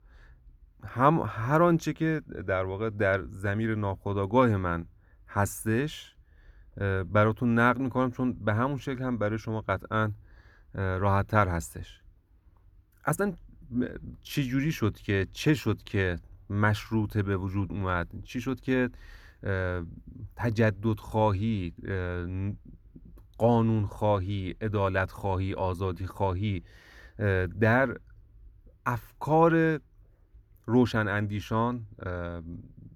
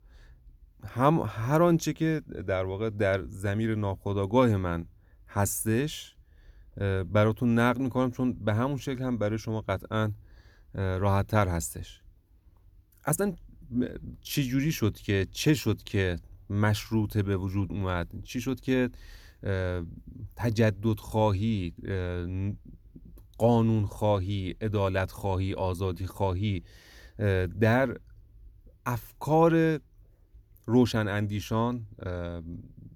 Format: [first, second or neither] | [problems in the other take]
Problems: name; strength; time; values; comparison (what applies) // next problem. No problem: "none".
second | muffled; very slightly; fading above 3.5 kHz